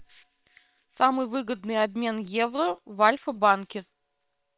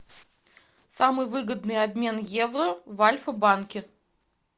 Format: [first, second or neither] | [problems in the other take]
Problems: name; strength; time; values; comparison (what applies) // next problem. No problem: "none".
second | noise reduction (neural separator model SepFormer WHAM!)